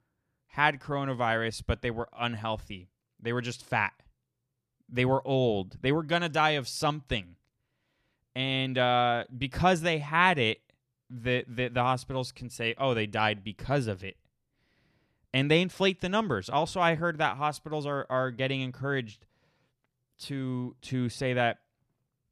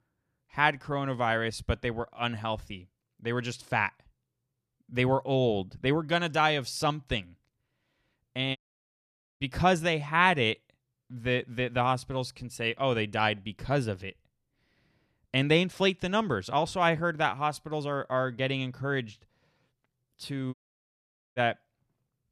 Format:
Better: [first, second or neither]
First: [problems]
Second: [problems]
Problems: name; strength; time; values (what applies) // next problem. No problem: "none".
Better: first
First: none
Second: audio cutting out; at 8.5 s for 1 s and at 21 s for 1 s